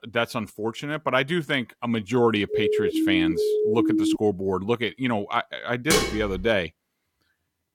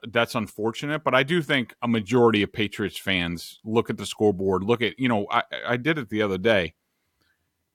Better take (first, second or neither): second